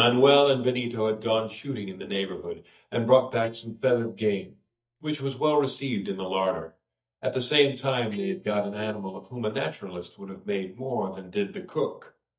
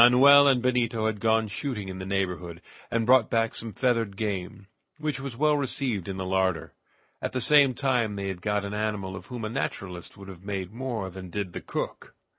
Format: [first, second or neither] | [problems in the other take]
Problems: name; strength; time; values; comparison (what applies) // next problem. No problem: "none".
second | noise reduction (neural mask model DeepFilterNet 3)